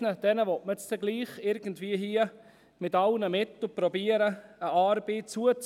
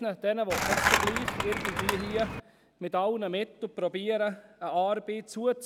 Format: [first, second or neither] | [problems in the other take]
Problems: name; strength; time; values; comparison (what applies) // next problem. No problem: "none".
first | background sound (Skateboard); 2 dB above the speech